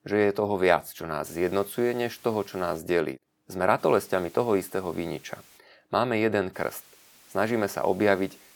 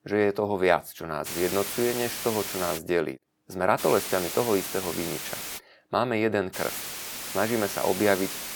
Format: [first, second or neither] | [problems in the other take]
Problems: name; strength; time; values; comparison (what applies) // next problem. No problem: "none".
first | hiss; loud; from 1.5 to 3 s, from 4 to 5.5 s and from 6.5 s on; 6 dB below the speech; faint in the first